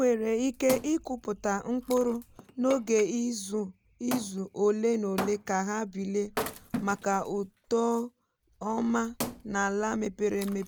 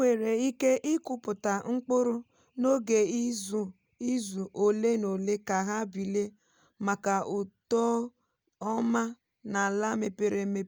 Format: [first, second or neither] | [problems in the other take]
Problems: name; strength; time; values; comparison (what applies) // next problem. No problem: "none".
second | background sound (Wood); 12 dB below the speech